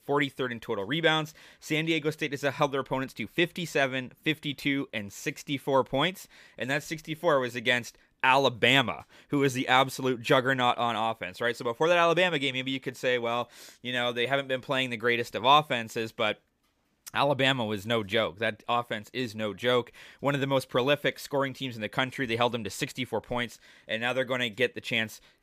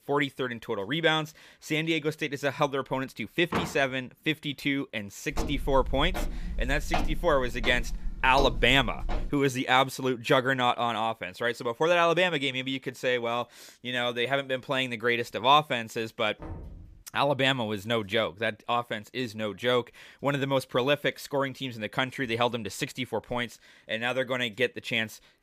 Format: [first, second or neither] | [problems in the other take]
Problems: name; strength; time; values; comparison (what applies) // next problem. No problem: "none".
first | door banging; noticeable; at 3.5 s; peak 5 dB below the speech // footsteps; noticeable; from 5.5 to 9.5 s; peak 4 dB below the speech // door banging; faint; at 16 s; peak 15 dB below the speech